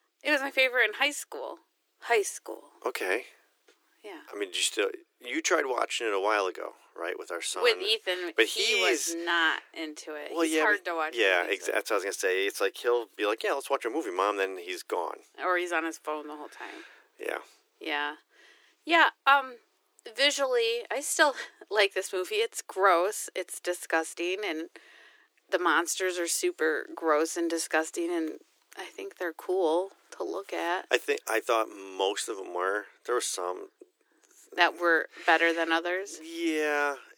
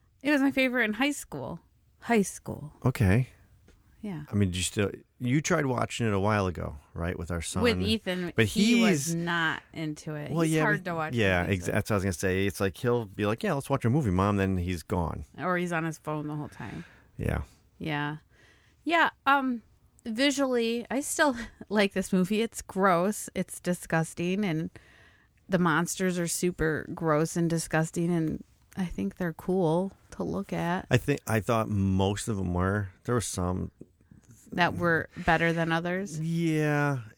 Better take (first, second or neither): second